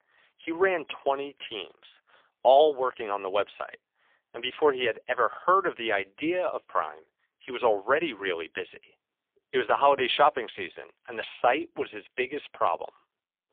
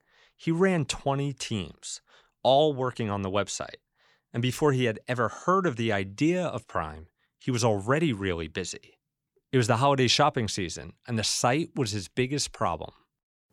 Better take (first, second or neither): second